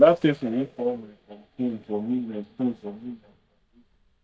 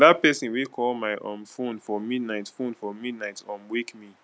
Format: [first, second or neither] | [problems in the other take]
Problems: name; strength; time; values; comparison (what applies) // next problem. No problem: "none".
second | noise reduction (neural mask model DeepFilterNet 3)